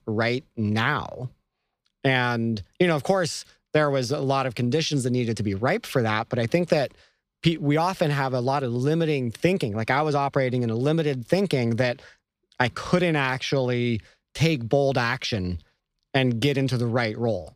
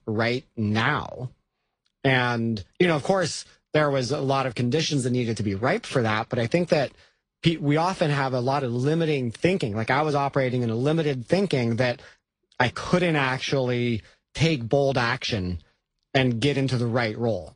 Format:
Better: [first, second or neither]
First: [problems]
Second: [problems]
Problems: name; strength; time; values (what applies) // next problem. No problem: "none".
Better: first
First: none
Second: garbled, watery; slightly; nothing above 8.5 kHz